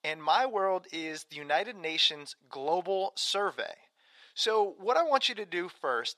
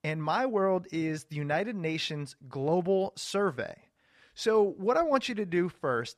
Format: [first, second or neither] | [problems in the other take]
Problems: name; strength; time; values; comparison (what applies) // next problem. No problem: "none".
second | thin; very; fading below 500 Hz